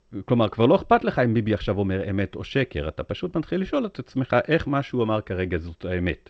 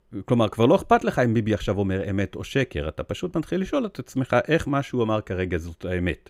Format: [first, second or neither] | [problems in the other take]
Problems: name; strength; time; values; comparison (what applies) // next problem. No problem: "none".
second | garbled, watery; slightly